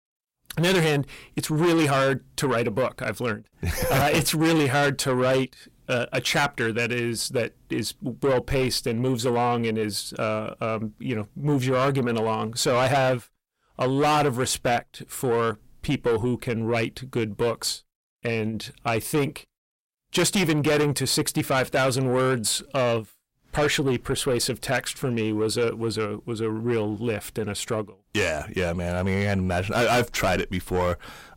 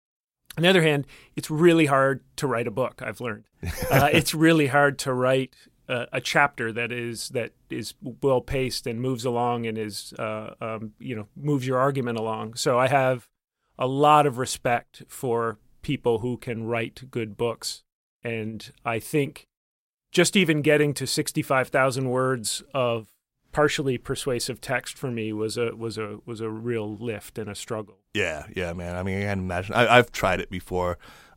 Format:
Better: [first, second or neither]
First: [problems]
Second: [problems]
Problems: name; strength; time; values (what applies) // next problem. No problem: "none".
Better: second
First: distortion; heavy; 6 dB below the speech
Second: none